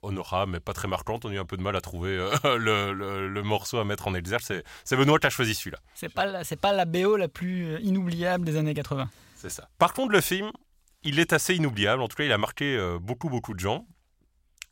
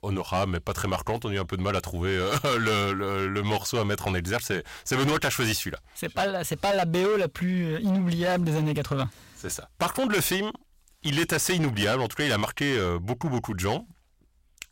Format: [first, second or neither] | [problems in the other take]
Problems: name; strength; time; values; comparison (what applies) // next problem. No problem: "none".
first | distortion; heavy; 13% of the sound clipped